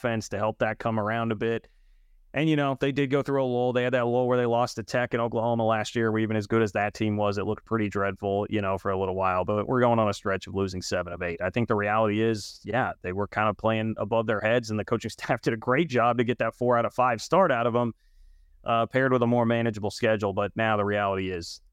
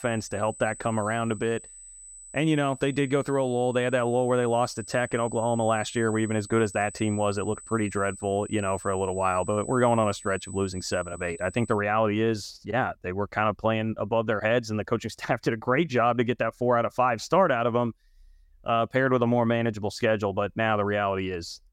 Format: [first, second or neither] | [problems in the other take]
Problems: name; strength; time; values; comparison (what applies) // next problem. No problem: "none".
first | high-pitched whine; noticeable; until 12 s; 8 kHz, 15 dB below the speech